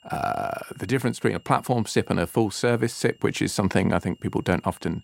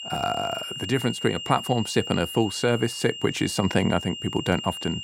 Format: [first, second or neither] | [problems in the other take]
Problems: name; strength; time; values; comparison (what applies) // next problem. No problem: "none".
first | high-pitched whine; loud; throughout; 3 kHz, 8 dB below the speech; faint in the first